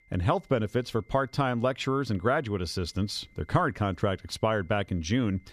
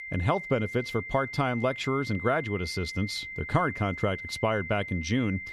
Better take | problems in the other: first | high-pitched whine; loud; throughout; 2 kHz, 8 dB below the speech; faint in the first

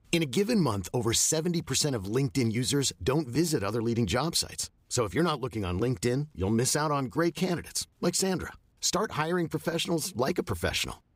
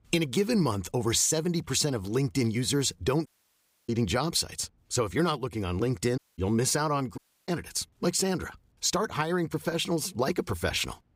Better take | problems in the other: first | audio cutting out; at 3.5 s for 0.5 s, at 6 s and at 7 s

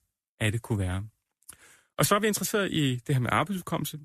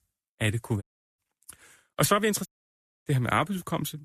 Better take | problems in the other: first | audio cutting out; at 1 s and at 2.5 s for 0.5 s

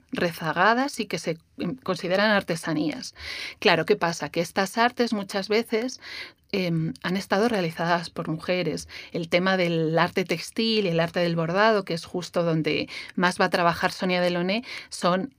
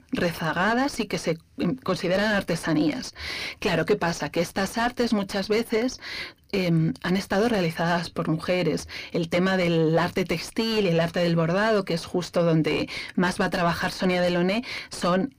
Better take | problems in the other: first | distortion; heavy; 6 dB below the speech

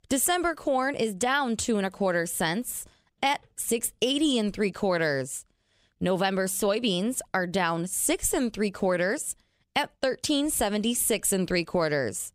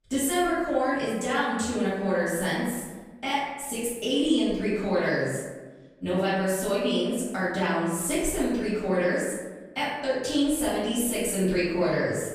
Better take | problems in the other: first | room echo; strong; dies away in 1.1 s // off-mic speech; far

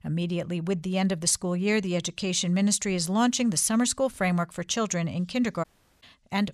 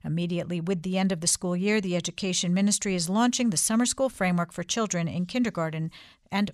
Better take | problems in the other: second | audio cutting out; at 5.5 s

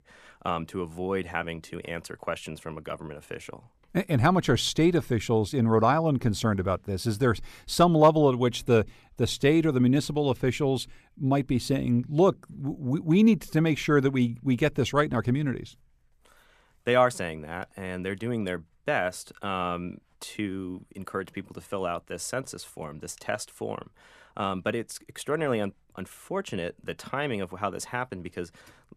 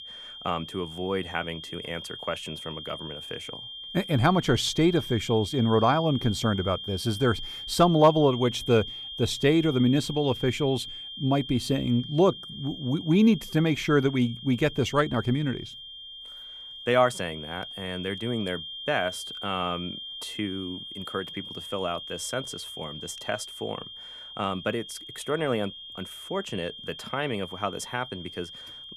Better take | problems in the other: first | high-pitched whine; noticeable; throughout; 3 kHz, 10 dB below the speech

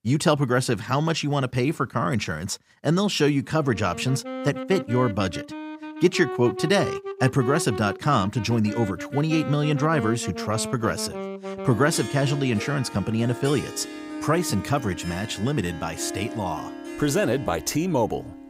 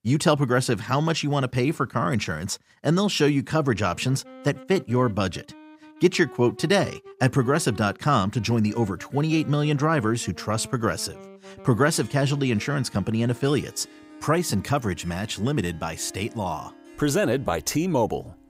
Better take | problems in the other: second | background music; loud; from 4 s on; 10 dB below the speech; faint in the second

